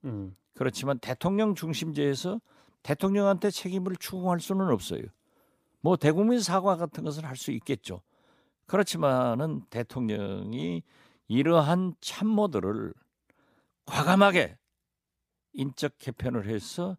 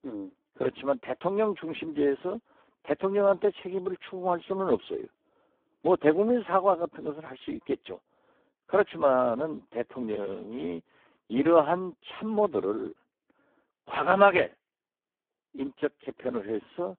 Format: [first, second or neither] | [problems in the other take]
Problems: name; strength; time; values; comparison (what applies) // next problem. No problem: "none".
first | phone-call audio; poor line